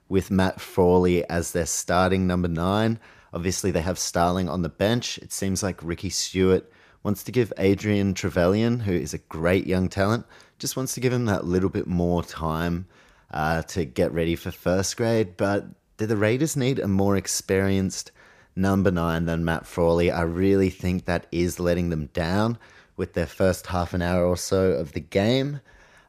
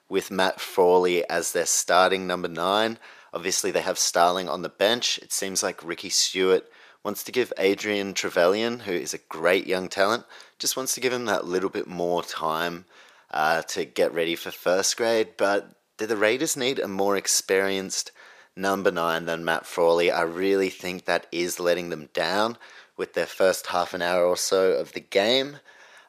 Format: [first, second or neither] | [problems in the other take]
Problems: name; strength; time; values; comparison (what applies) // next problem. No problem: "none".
first | thin; somewhat; fading below 450 Hz